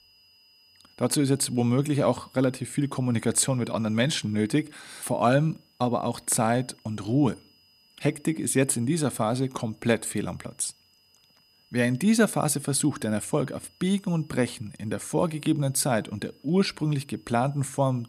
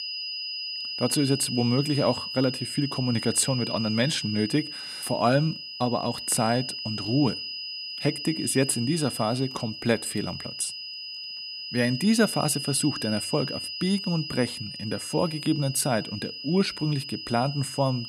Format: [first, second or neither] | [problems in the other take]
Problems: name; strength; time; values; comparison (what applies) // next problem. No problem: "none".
first | high-pitched whine; loud; throughout; 5 kHz, 6 dB below the speech; faint in the first